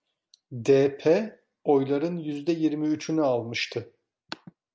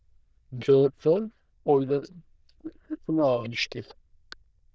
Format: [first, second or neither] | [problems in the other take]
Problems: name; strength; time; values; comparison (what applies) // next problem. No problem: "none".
first | noise reduction (neural diffusion model UNIVERSE++)